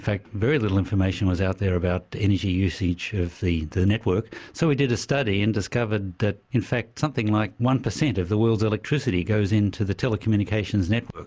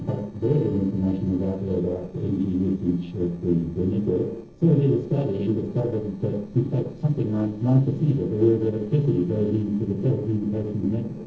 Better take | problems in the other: first | noise reduction (neural separator model SepFormer DNS4)

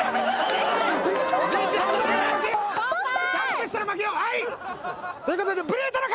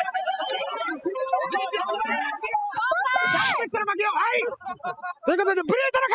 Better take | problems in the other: first | noise reduction (classical method spectral subtraction)

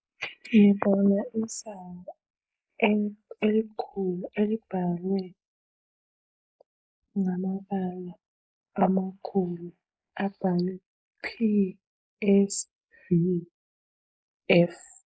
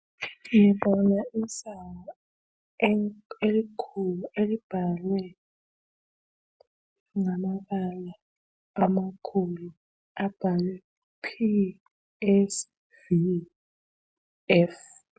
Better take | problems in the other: second | noise reduction (neural mask model Resemble Enhance denoiser)

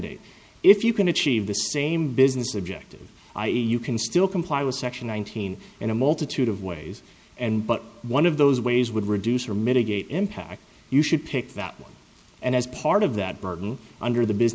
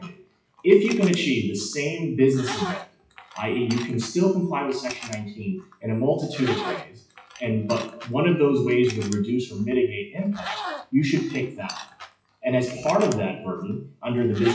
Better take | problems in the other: first | noise reduction (classical method WPE with log-MMSE)

